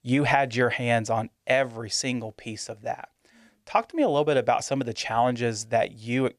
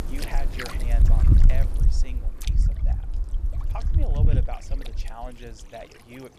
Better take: first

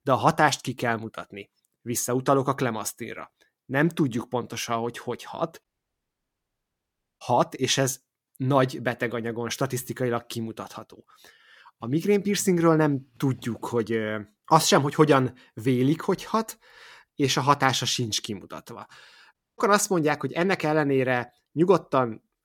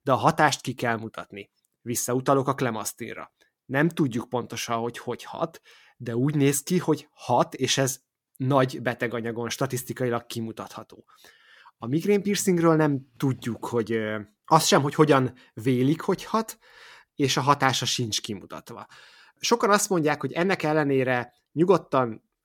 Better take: second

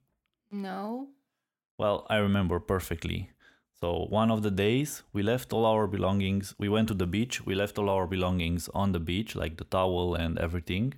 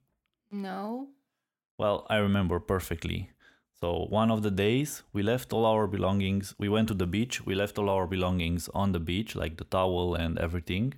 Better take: neither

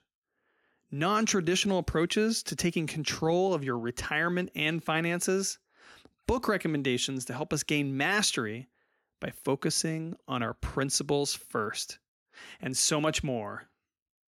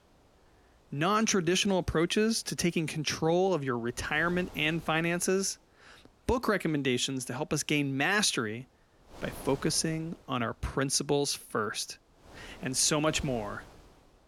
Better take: first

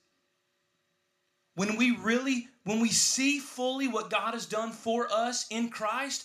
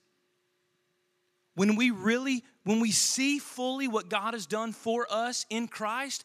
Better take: second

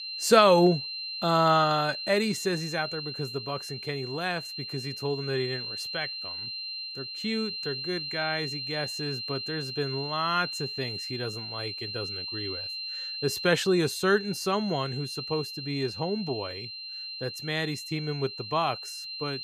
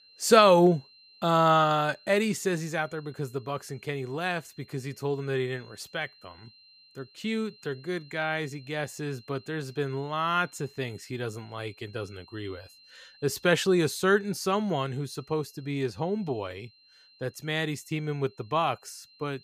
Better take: second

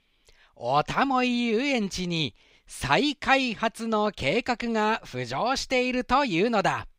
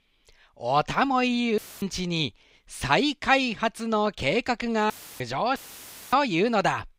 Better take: first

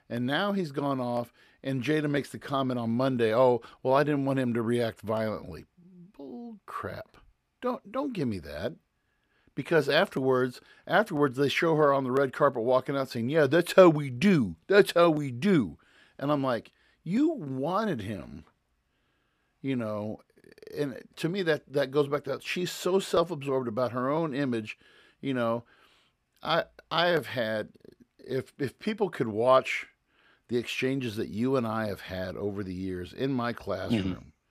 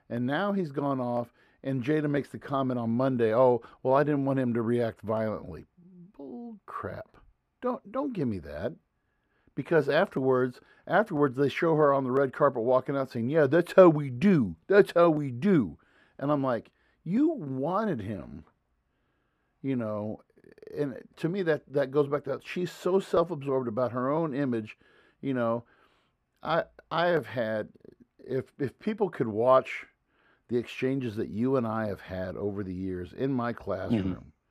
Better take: first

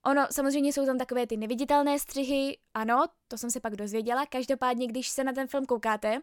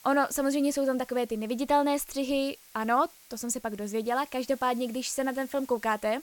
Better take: first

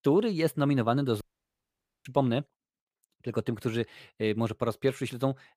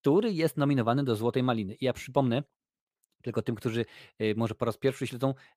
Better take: second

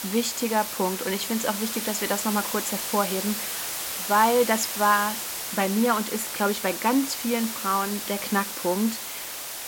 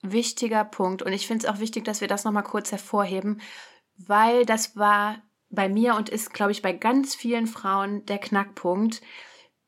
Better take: second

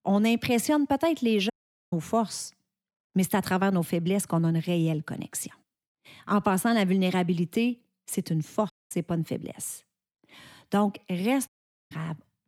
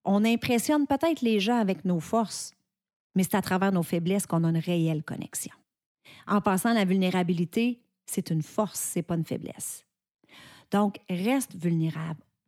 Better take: second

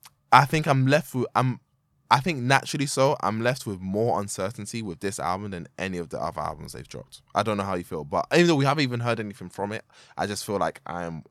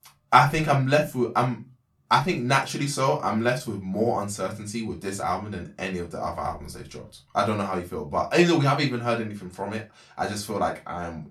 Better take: first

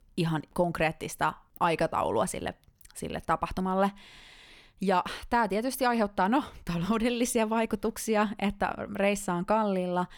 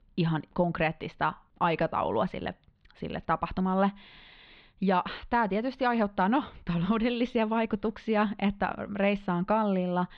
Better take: first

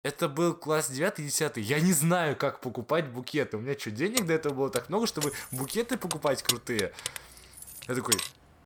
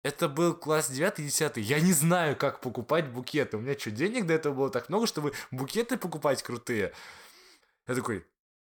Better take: second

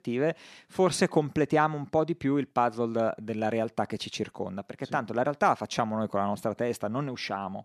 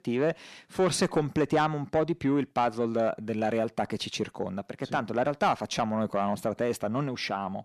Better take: first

